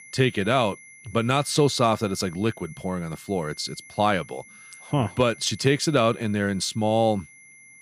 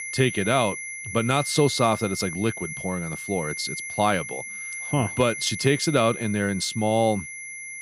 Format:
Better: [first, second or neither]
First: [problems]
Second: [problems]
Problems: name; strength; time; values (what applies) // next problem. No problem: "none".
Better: first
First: high-pitched whine; faint; throughout; 2 kHz, 20 dB below the speech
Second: high-pitched whine; loud; throughout; 2 kHz, 8 dB below the speech